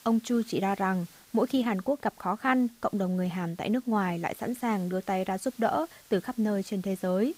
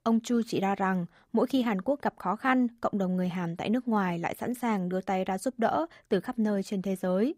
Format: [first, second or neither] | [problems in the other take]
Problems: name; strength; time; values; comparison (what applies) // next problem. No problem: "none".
second | hiss; faint; throughout; 25 dB below the speech